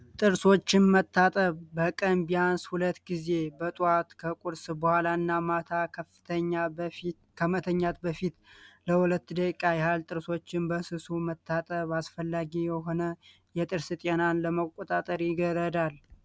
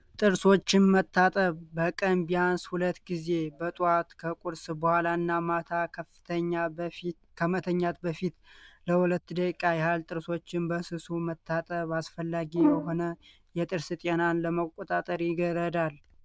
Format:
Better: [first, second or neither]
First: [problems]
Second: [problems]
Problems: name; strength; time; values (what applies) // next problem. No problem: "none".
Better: first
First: none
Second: noise reduction (neural diffusion model UNIVERSE++)